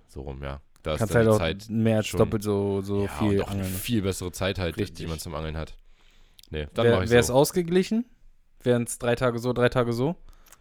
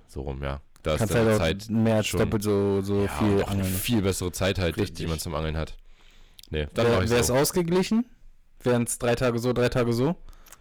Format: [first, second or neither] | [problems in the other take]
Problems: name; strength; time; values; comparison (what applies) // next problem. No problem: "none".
first | distortion; heavy; 10% of the sound clipped